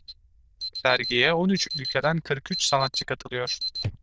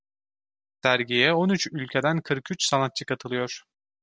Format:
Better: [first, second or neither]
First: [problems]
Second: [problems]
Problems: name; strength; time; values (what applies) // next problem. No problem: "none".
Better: second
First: noise reduction (neural diffusion model UNIVERSE++)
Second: none